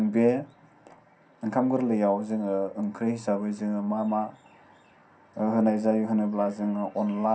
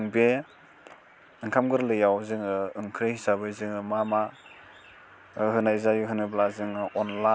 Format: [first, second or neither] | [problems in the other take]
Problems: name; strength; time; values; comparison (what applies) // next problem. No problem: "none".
second | room echo; dies away in 0.3 s